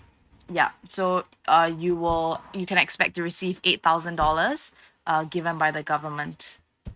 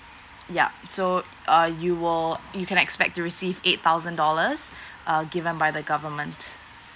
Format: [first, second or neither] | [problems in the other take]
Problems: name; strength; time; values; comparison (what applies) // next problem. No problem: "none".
second | noise reduction (neural mask model RNNoise)